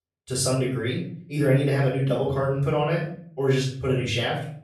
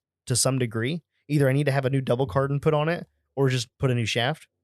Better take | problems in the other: second | off-mic speech; far // room echo; noticeable; dies away in 0.5 s

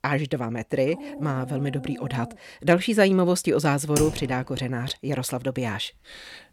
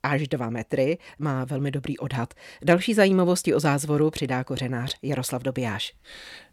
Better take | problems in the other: second | dog barking; faint; from 1 to 2.5 s; peak 15 dB below the speech // keyboard typing; noticeable; at 4 s; peak 4 dB below the speech

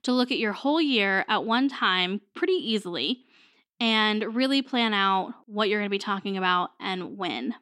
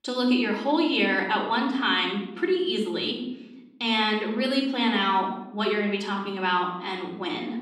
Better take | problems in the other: first | room echo; noticeable; dies away in 0.7 s // off-mic speech; somewhat distant

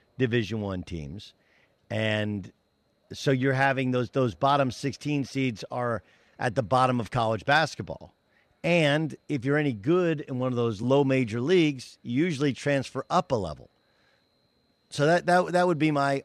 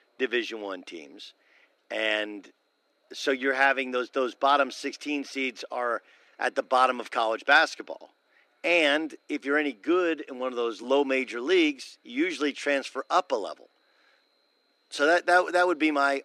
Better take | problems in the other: first | thin; somewhat; fading below 300 Hz

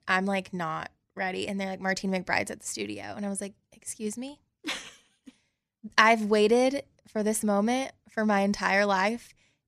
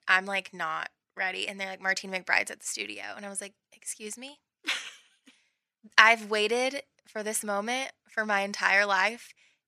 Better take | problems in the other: first | thin; somewhat; fading below 900 Hz

